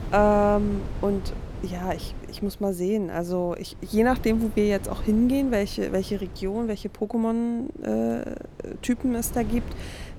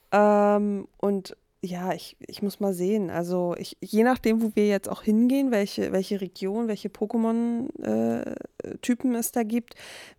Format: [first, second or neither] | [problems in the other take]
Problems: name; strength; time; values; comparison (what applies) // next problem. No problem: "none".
second | wind noise on the microphone; occasional gusts; 15 dB below the speech